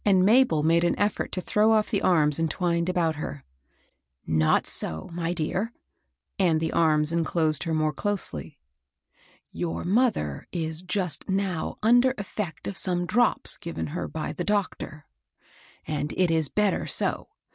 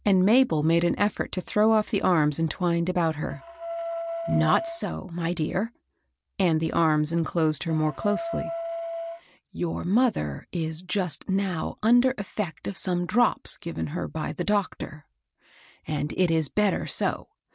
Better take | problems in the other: first | background sound (Wind instrument, woodwind instrument); 9 dB below the speech

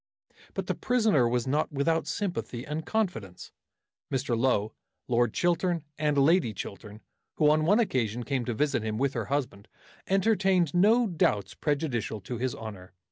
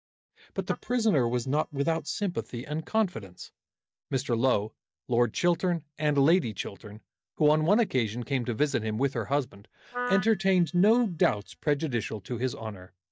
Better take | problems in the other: first | noise reduction (neural mask model DeepFilterNet 3)

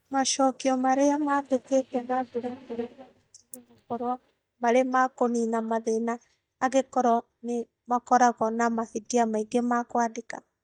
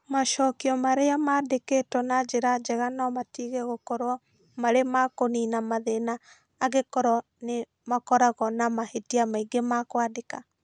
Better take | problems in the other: second | noise reduction (neural mask model DeepFilterNet 3)

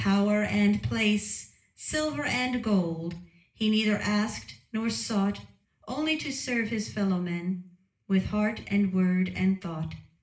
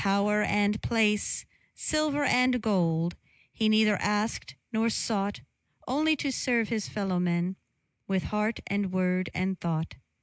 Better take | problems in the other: second | room echo; dies away in 0.4 s

